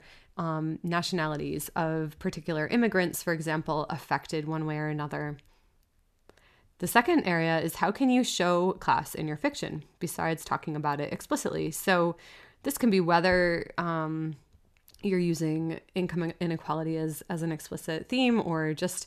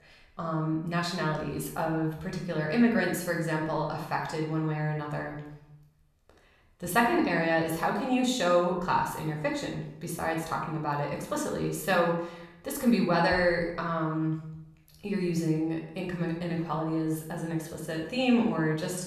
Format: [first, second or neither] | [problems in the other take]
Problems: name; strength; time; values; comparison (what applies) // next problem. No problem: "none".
first | off-mic speech; somewhat distant // room echo; noticeable; dies away in 0.6 s